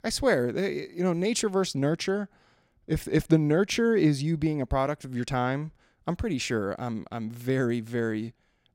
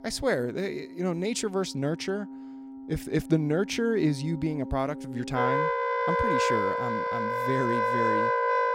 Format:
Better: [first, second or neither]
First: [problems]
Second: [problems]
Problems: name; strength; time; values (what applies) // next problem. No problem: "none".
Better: first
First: none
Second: background music; very loud; throughout; 2 dB above the speech